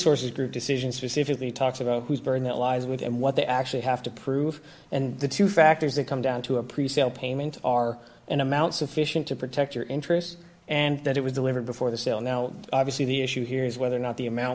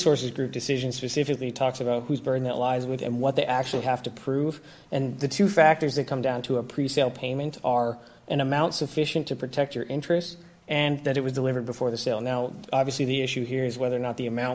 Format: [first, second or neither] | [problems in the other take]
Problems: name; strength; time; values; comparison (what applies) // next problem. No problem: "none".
first | background sound (Slam / Wood); 13 dB below the speech